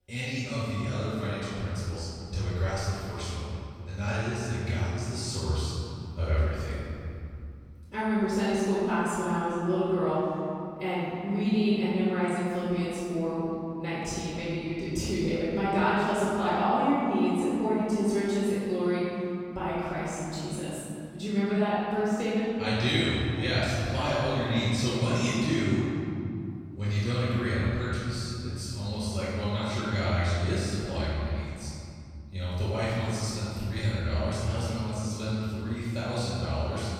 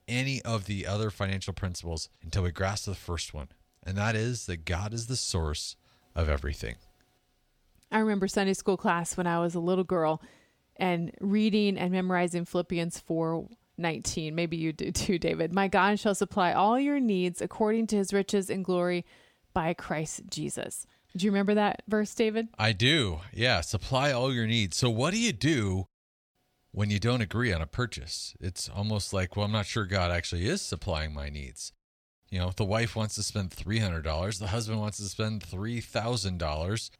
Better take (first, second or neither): second